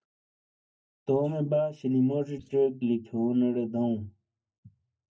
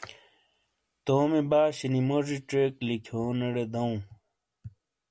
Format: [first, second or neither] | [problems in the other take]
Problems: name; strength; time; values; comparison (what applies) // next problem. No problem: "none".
second | noise reduction (neural mask model DeepFilterNet 3)